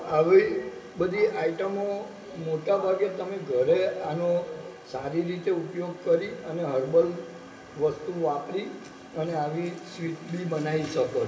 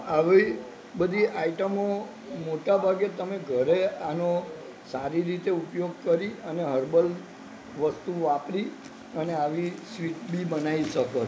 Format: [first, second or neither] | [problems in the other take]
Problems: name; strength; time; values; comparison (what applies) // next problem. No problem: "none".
second | room echo; dies away in 2.8 s